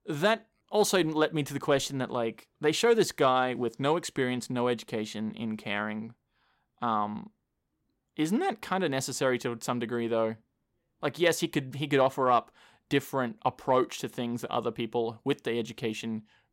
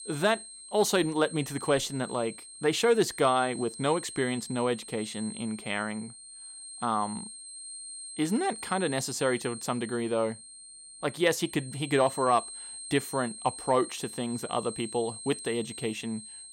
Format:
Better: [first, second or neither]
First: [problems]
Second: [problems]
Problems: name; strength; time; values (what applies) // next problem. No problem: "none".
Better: first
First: none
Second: high-pitched whine; noticeable; throughout; 8.5 kHz, 10 dB below the speech